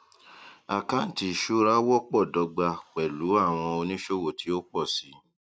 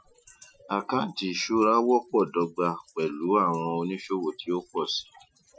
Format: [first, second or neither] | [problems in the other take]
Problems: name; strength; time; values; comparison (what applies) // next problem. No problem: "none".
first | noise reduction (classical method Wiener filter)